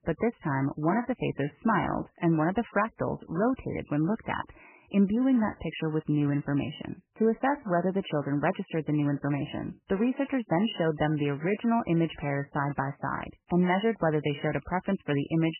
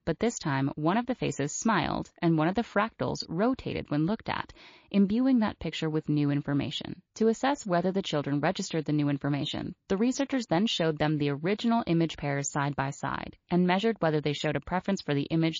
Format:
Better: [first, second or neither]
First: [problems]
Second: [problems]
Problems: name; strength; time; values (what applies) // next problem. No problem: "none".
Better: second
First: garbled, watery; badly; nothing above 3 kHz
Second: garbled, watery; slightly